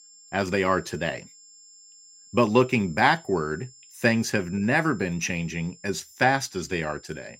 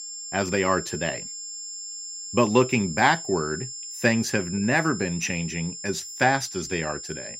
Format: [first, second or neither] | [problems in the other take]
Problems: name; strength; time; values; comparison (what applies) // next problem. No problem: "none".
first | high-pitched whine; loud; throughout; 7.5 kHz, 9 dB below the speech; faint in the first